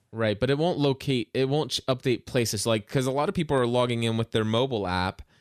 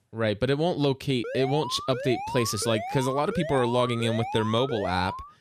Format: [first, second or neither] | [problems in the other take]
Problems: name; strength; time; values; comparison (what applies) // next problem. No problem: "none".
first | alarm; noticeable; from 1 s on; peak 7 dB below the speech